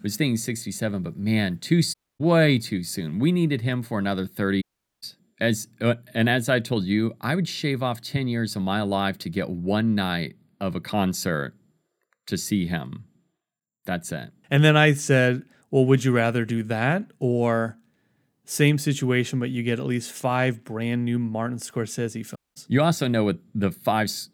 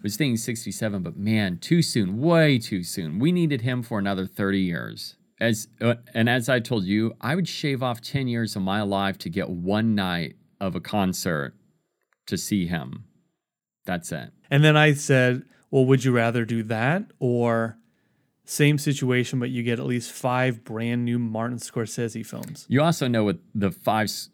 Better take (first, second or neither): second